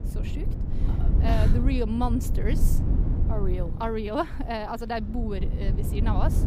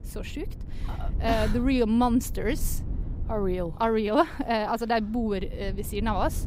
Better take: second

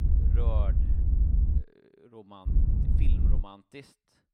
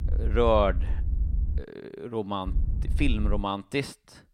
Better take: second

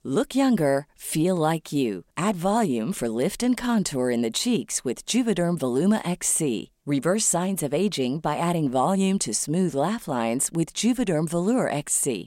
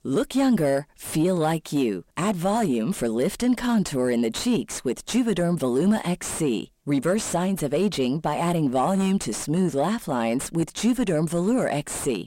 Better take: first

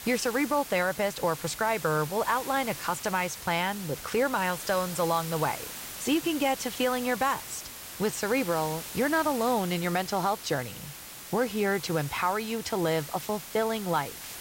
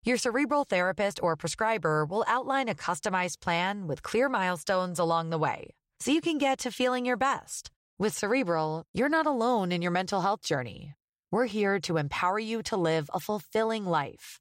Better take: second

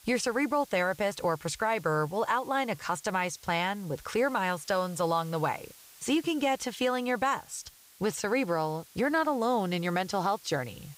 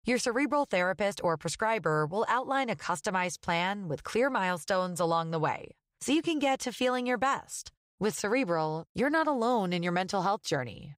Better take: second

